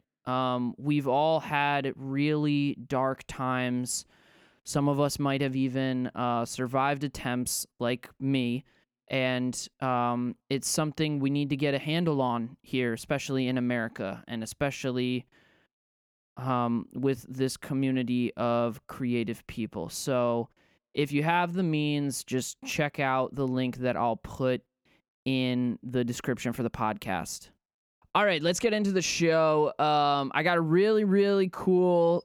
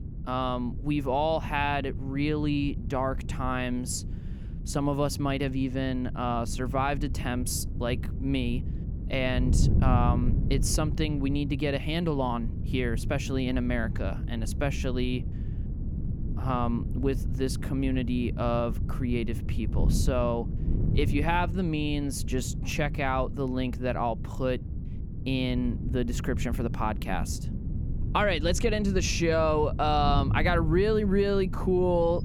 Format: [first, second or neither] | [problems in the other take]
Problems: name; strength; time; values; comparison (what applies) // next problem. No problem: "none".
first | wind noise on the microphone; occasional gusts; 15 dB below the speech